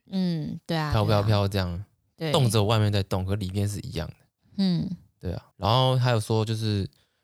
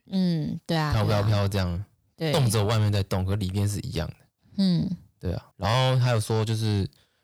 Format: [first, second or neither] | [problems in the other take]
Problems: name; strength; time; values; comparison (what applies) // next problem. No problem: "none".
first | distortion; slight; 10 dB below the speech